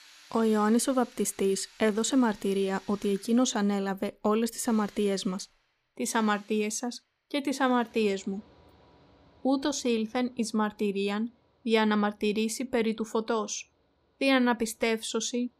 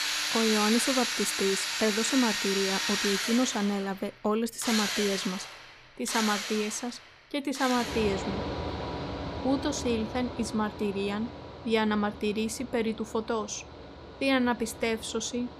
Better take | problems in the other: first | machinery noise; loud; throughout; 1 dB below the speech; faint in the first

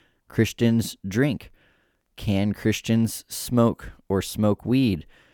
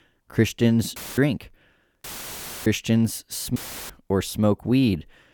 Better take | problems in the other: first | audio cutting out; filled with static; at 1 s, at 2 s for 0.5 s and at 3.5 s

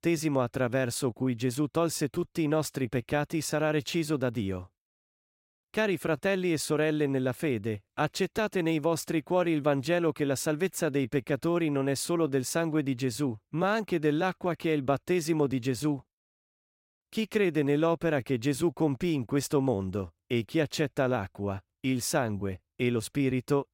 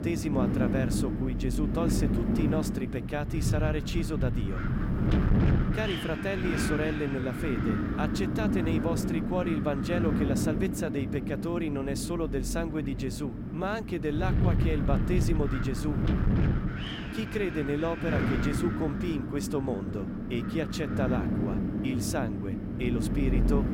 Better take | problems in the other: first | wind noise on the microphone; heavy; 2 dB below the speech

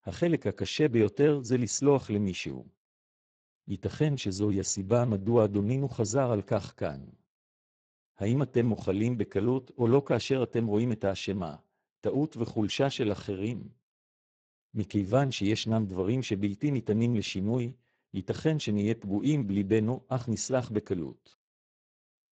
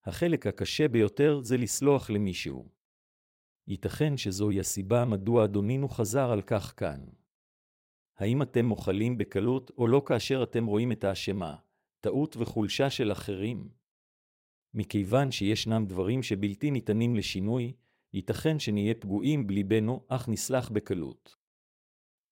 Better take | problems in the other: second | garbled, watery; badly; nothing above 7.5 kHz

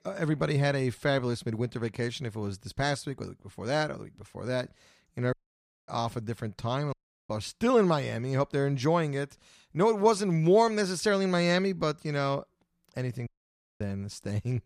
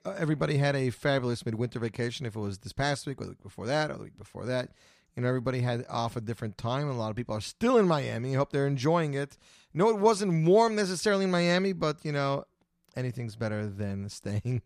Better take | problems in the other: second | audio cutting out; at 5.5 s for 0.5 s, at 7 s and at 13 s for 0.5 s

